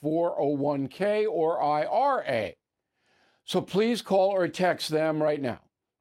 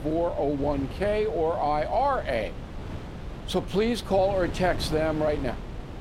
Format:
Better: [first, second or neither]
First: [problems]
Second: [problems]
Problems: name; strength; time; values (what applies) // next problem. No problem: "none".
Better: first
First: none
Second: wind noise on the microphone; occasional gusts; 15 dB below the speech